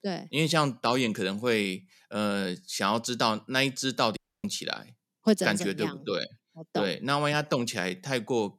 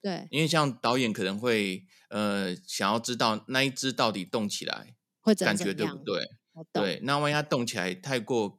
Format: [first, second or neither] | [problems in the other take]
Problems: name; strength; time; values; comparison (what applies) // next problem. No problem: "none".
second | audio cutting out; at 4 s